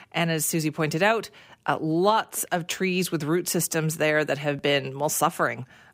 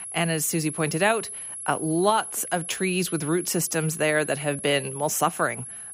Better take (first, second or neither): first